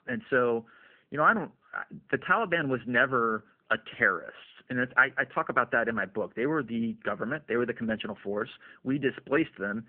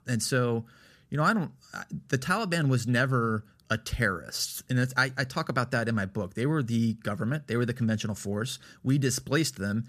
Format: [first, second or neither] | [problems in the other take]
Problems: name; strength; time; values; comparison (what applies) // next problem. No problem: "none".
second | phone-call audio